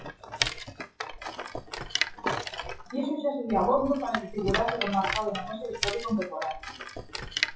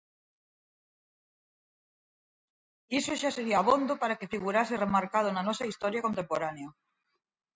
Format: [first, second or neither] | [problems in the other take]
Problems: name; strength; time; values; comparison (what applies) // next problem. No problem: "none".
second | noise reduction (classical method WPE with log-MMSE)